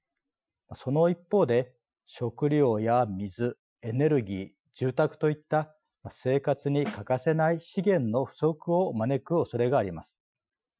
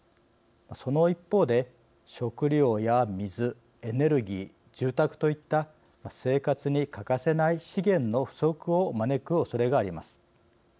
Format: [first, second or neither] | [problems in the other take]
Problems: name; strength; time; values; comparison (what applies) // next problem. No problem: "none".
second | noise reduction (classical method Wiener filter)